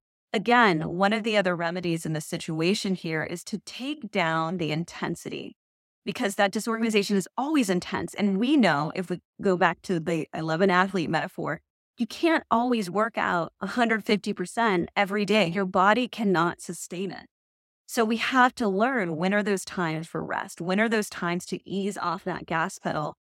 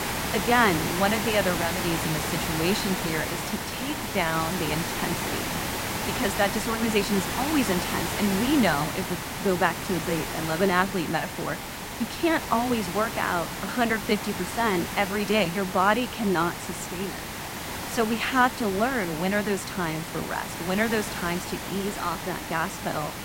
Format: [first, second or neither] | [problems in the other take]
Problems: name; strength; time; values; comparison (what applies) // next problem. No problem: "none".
first | hiss; loud; throughout; 4 dB below the speech